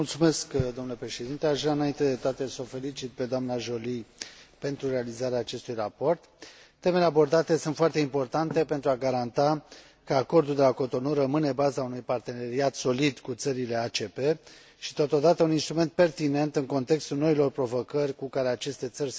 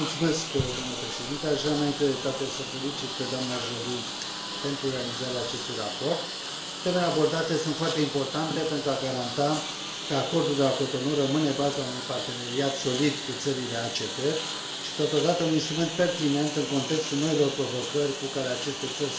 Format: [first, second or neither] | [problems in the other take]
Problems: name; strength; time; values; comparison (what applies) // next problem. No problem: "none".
first | background sound (Engine); 6 dB below the speech // room echo; dies away in 1.2 s